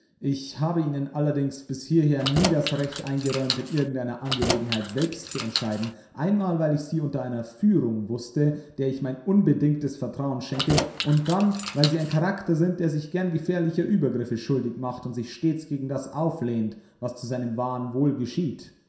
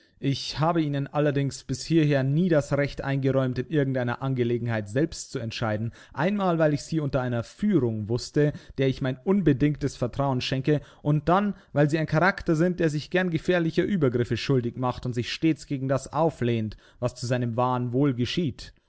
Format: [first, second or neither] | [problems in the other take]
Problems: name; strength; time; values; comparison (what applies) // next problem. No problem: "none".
second | background sound (Keys jangling); 6 dB below the speech // room echo; dies away in 0.7 s